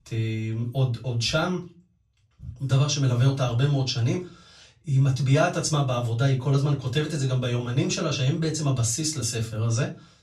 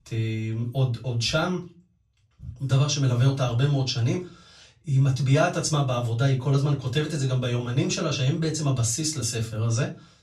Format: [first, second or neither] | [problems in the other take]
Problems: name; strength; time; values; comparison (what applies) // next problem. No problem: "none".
neither | off-mic speech; far; the same in both // room echo; very slight; dies away in 0.3 s; the same in both